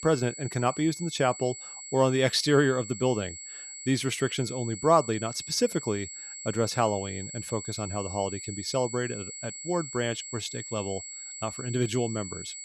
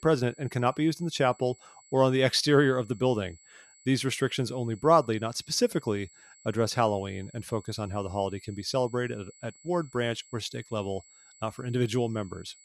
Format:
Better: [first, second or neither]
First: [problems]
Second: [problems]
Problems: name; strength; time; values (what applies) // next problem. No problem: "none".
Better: second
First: high-pitched whine; loud; throughout; 7.5 kHz, 10 dB below the speech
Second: high-pitched whine; faint; throughout; 7.5 kHz, 25 dB below the speech